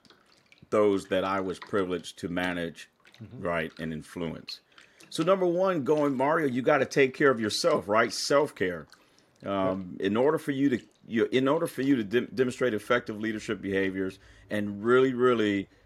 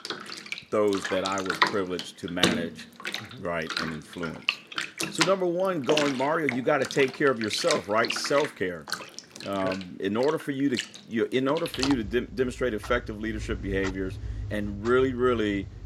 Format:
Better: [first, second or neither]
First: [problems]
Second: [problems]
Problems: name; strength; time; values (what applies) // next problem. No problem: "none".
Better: first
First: household noises; faint; throughout; 30 dB below the speech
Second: household noises; loud; throughout; 5 dB below the speech